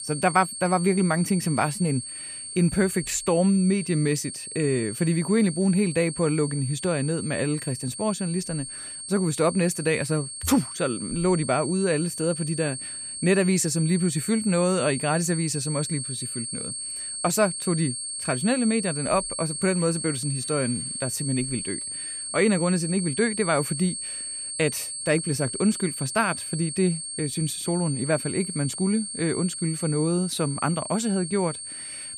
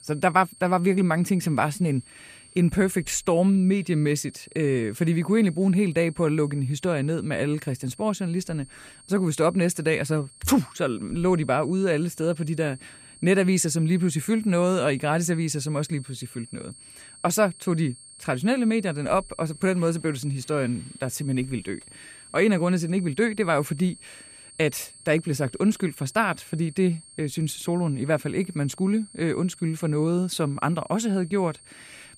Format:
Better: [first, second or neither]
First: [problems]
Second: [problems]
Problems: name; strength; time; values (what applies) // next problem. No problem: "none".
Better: second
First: high-pitched whine; loud; throughout; 8.5 kHz, 6 dB below the speech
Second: high-pitched whine; faint; throughout; 8.5 kHz, 20 dB below the speech